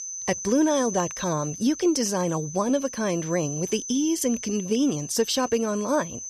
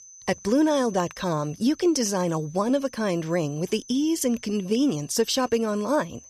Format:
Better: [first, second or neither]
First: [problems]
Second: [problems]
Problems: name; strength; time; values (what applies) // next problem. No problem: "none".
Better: second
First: high-pitched whine; loud; throughout; 6 kHz, 9 dB below the speech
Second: high-pitched whine; faint; throughout; 6 kHz, 20 dB below the speech